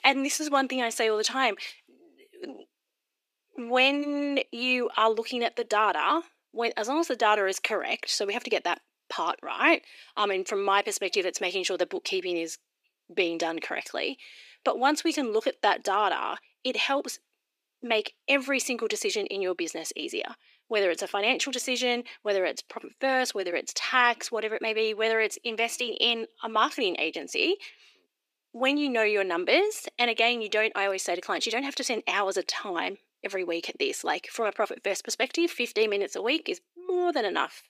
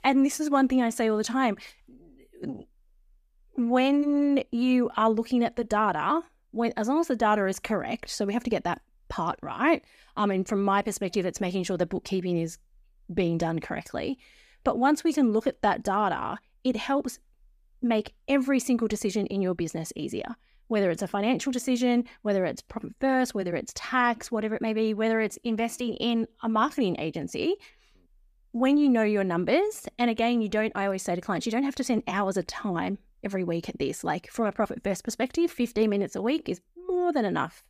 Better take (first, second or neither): second